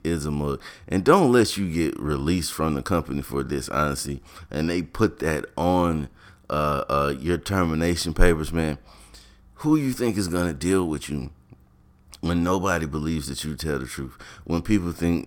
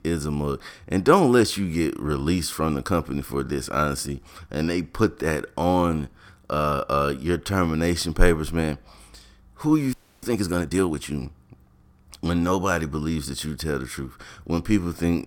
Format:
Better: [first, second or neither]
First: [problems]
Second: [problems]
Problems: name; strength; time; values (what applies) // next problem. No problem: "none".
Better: first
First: none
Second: audio freezing; at 10 s